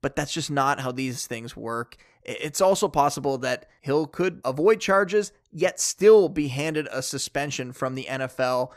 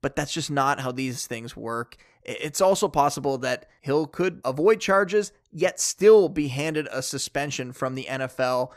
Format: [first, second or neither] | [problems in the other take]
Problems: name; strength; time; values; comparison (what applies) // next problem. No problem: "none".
neither | none